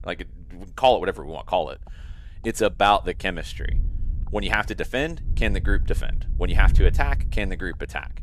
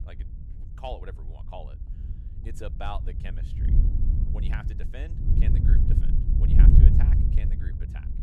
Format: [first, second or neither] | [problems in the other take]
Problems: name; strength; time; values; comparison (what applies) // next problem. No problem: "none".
first | wind noise on the microphone; heavy; 2 dB above the speech; occasional gusts in the first